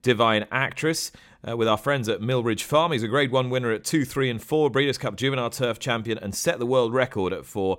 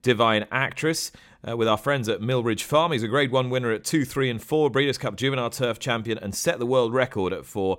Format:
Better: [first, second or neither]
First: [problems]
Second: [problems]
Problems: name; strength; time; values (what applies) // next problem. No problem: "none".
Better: neither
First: none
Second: none